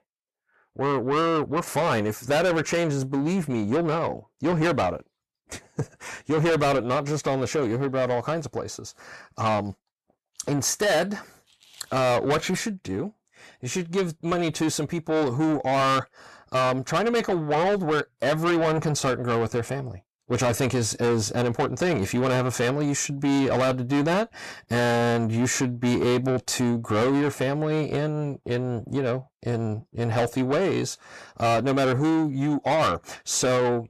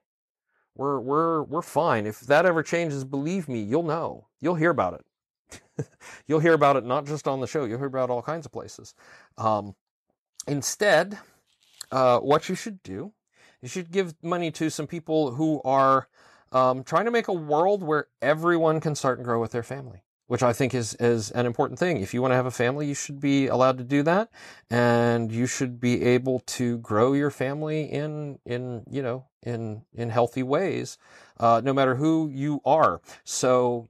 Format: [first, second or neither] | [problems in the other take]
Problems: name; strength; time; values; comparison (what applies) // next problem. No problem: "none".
second | distortion; heavy; 7 dB below the speech